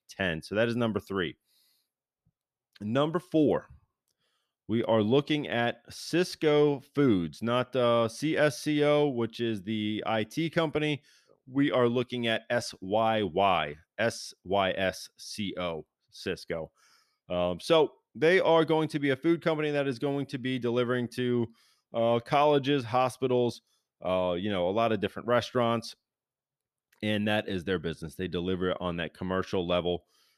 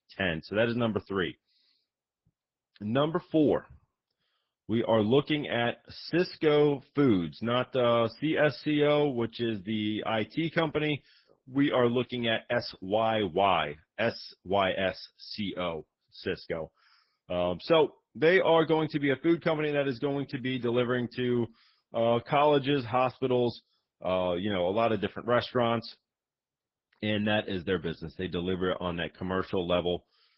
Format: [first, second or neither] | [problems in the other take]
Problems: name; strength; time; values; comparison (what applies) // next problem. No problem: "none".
first | garbled, watery; badly; nothing above 5.5 kHz